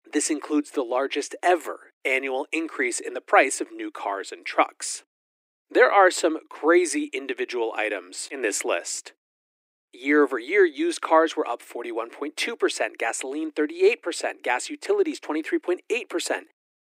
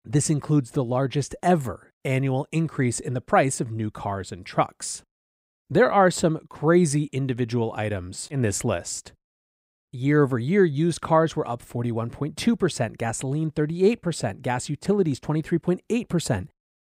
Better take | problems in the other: second | thin; somewhat; fading below 300 Hz

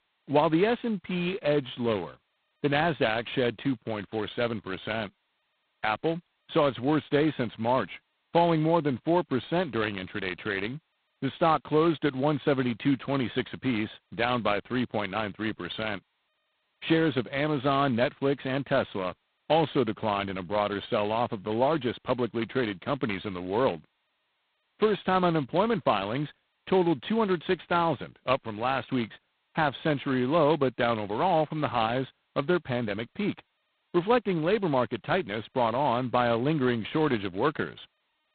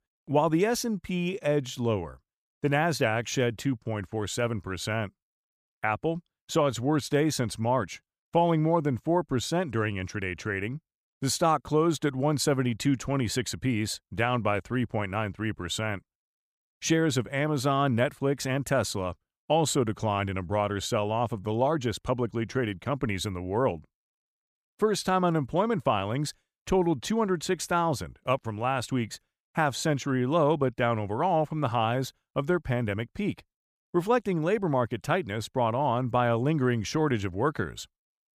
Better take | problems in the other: second | phone-call audio; poor line; nothing above 4 kHz

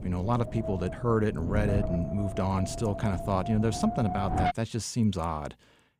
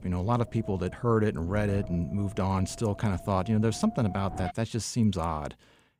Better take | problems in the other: second | wind noise on the microphone; heavy; until 4.5 s; 3 dB below the speech; occasional gusts in the second

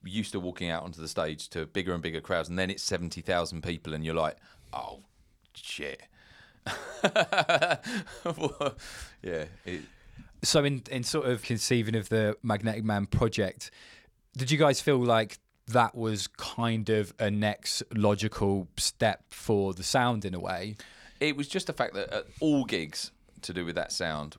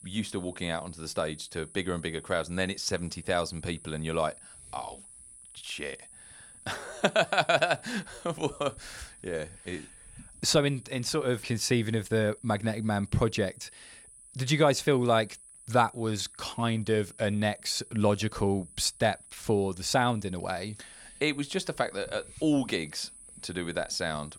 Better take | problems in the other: first | high-pitched whine; noticeable; throughout; 10 kHz, 20 dB below the speech

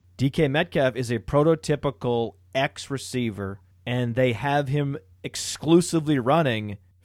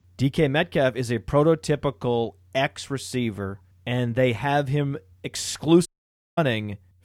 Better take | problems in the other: first | audio cutting out; at 6 s for 0.5 s

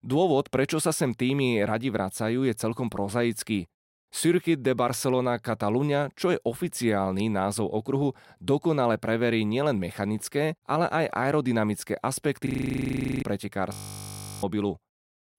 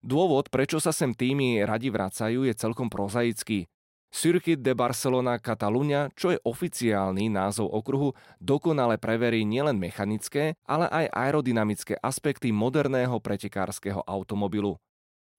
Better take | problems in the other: second | audio freezing; at 12 s for 1 s and at 14 s for 0.5 s

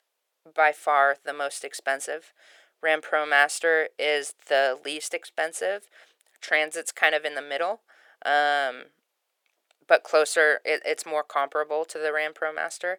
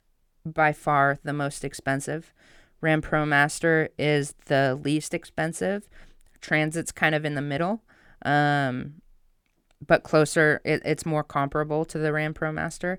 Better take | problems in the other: second | thin; very; fading below 500 Hz

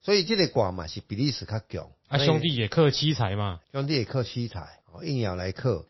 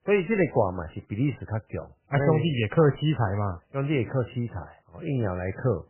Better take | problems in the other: first | garbled, watery; badly; nothing above 3 kHz; slightly in the first

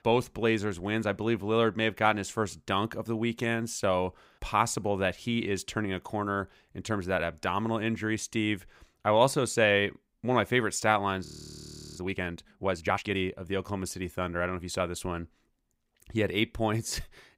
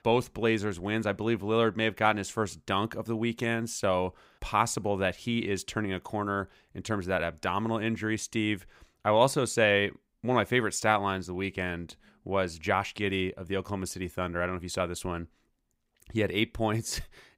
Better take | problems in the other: second | audio freezing; at 11 s for 0.5 s

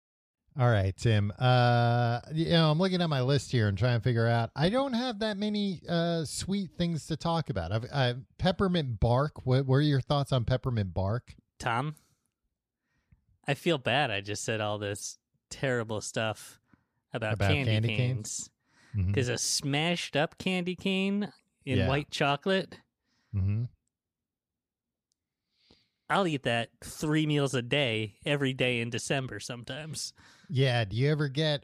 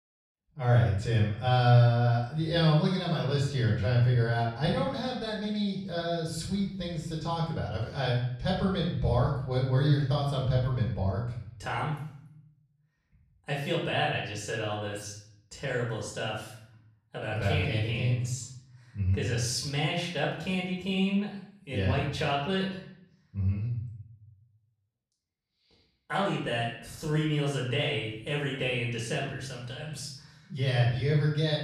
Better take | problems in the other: first | off-mic speech; far // room echo; noticeable; dies away in 0.7 s

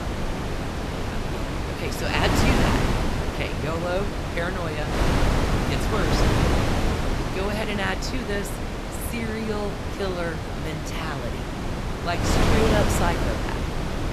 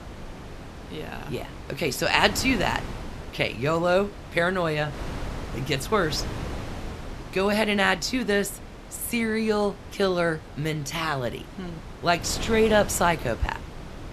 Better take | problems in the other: second | wind noise on the microphone; heavy; 1 dB above the speech; occasional gusts in the second

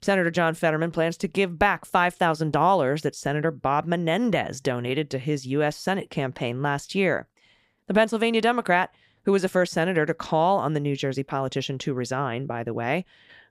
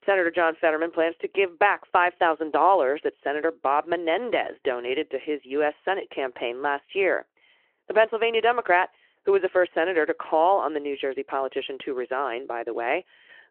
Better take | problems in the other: first | phone-call audio

